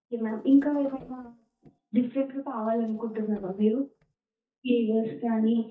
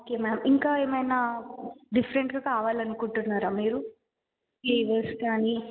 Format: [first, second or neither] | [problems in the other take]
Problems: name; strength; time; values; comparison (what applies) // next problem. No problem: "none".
second | noise reduction (neural mask model DeepFilterNet 3)